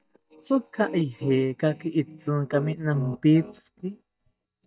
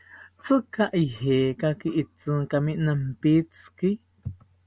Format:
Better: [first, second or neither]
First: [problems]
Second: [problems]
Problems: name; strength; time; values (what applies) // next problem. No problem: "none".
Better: second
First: noise reduction (neural mask model DeepFilterNet 3)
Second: none